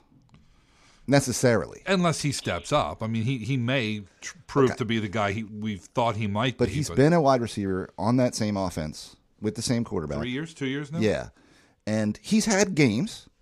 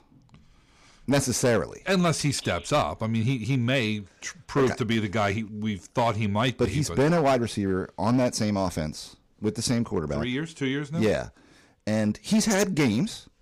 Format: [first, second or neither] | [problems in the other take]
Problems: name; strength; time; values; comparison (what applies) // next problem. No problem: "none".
first | distortion; slight; 5% of the sound clipped